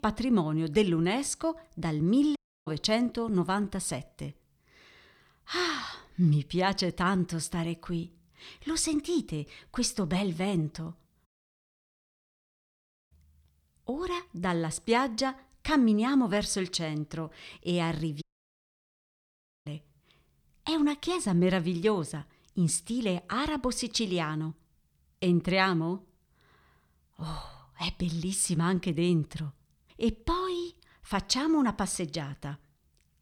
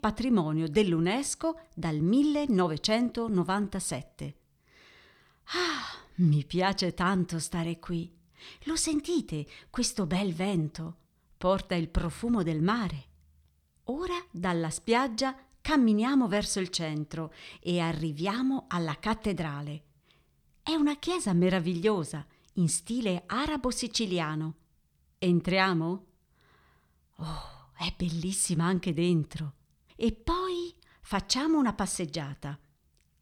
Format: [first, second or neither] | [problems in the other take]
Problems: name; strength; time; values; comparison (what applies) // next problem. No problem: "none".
second | audio cutting out; at 2.5 s, at 11 s for 2 s and at 18 s for 1.5 s